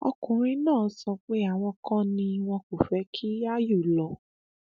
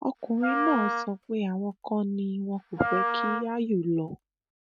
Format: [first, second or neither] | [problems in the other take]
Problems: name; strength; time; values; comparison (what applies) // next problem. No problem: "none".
first | noise reduction (neural mask model RNNoise)